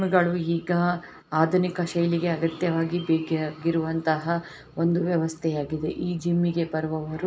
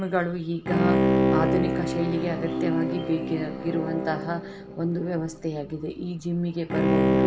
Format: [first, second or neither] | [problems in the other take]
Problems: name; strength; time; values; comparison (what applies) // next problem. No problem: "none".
first | background sound (Bowed string instrument); 2 dB above the speech